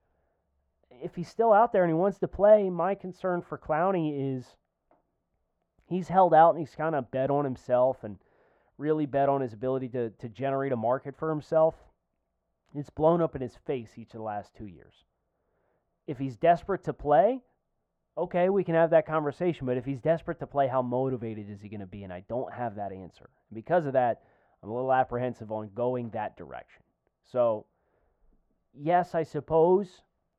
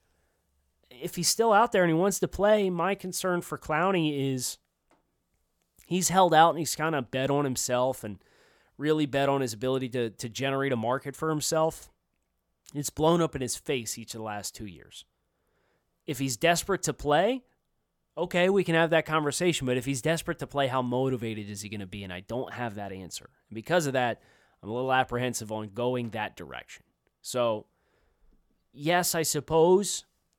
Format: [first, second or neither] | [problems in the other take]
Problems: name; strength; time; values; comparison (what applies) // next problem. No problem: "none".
second | muffled; very; fading above 4 kHz